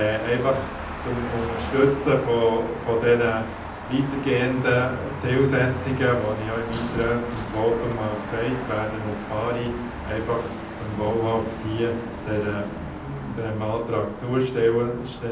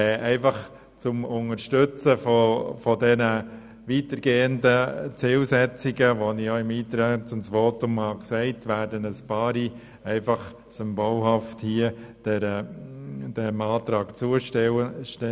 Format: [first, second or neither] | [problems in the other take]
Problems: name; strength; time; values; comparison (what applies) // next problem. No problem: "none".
second | background sound (Car passing by / Traffic noise, roadway noise / Engine); 9 dB below the speech // room echo; dies away in 0.6 s